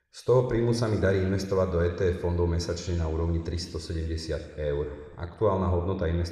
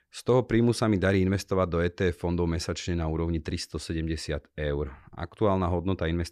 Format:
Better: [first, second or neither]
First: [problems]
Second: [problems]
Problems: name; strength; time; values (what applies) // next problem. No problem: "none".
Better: second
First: room echo; slight; dies away in 1.3 s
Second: none